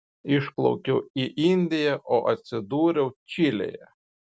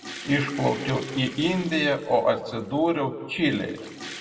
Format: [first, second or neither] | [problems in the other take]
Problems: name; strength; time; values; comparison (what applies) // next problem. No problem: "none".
first | background sound (Toilet flush / Water); 15 dB below the speech // room echo; dies away in 1.4 s